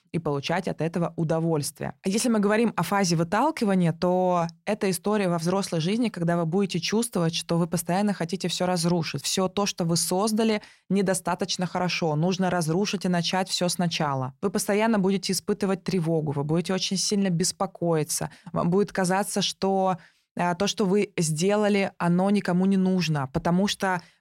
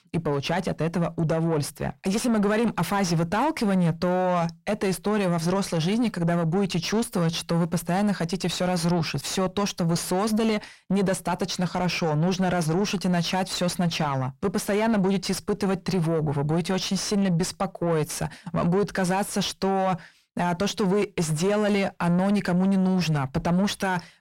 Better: first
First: none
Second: distortion; slight; 9 dB below the speech

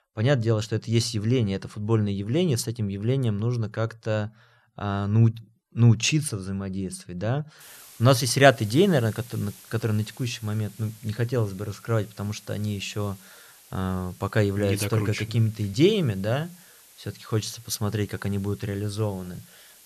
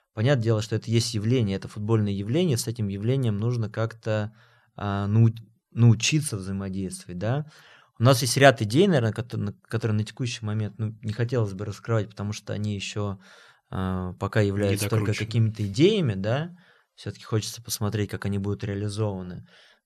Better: second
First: hiss; faint; from 7.5 s on; 25 dB below the speech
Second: none

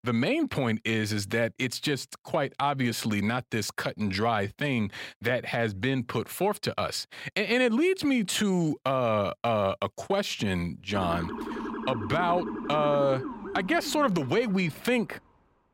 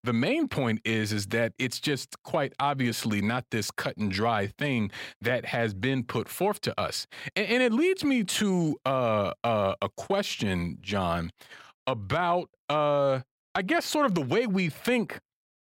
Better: second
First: siren; noticeable; from 11 to 15 s; peak 6 dB below the speech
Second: none

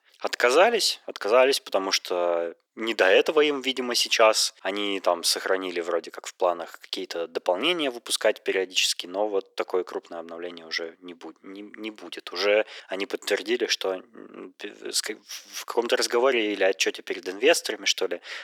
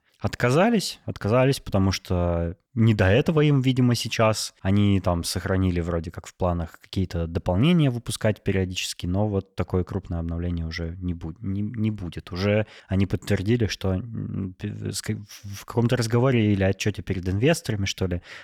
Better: second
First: thin; very; fading below 350 Hz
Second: none

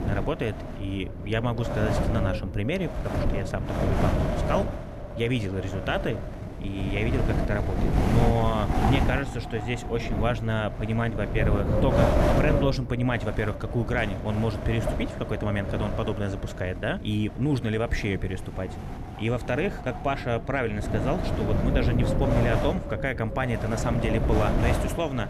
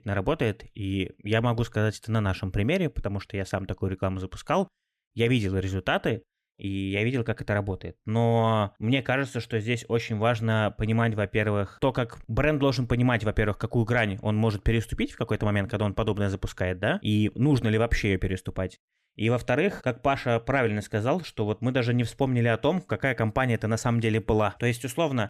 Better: second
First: wind noise on the microphone; heavy; 2 dB below the speech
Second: none

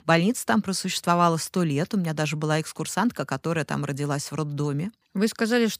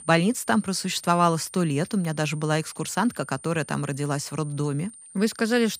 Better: first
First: none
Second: high-pitched whine; noticeable; throughout; 9 kHz, 20 dB below the speech

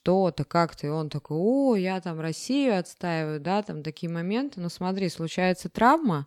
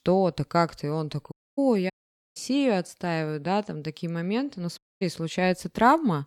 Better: first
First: none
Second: audio cutting out; at 1.5 s, at 2 s and at 5 s

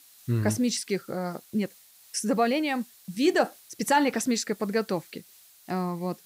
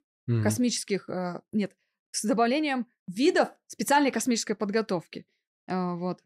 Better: second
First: hiss; faint; throughout; 25 dB below the speech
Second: none

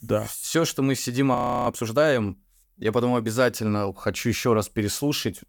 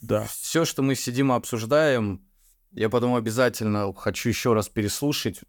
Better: second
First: audio freezing; at 1.5 s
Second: none

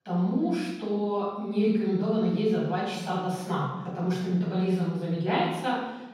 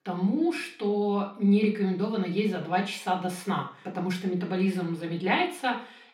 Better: second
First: room echo; strong; dies away in 1.3 s // off-mic speech; far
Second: room echo; slight; dies away in 0.4 s // off-mic speech; far

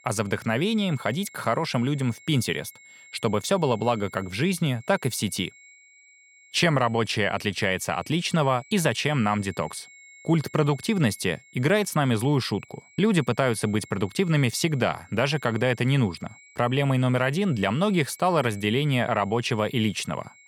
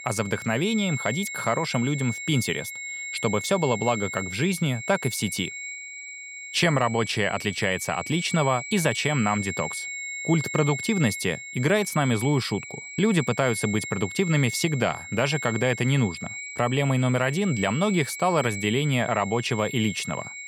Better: first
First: high-pitched whine; faint; throughout; 2 kHz, 25 dB below the speech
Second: high-pitched whine; loud; throughout; 2 kHz, 8 dB below the speech

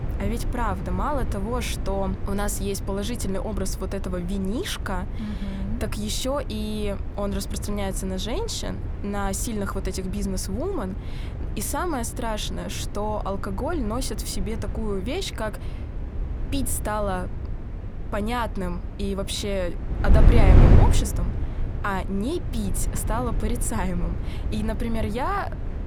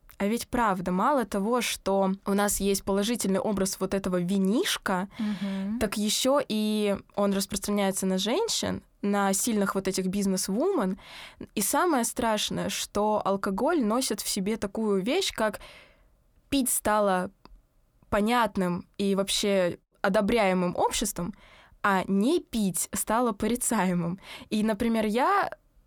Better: second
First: wind noise on the microphone; heavy; 9 dB below the speech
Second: none

